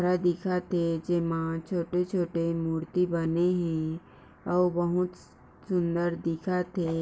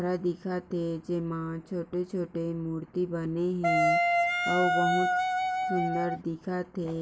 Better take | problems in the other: first | background sound (Wind instrument, woodwind instrument); 5 dB above the speech

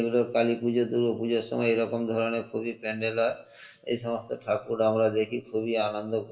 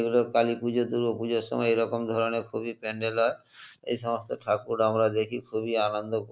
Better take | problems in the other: second | room echo; dies away in 0.6 s

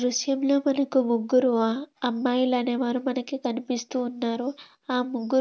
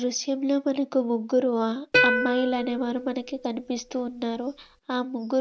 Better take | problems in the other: first | background sound (Plucked string instrument); 2 dB below the speech

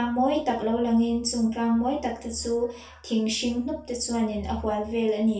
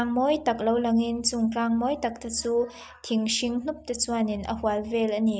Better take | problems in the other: second | room echo; dies away in 0.3 s

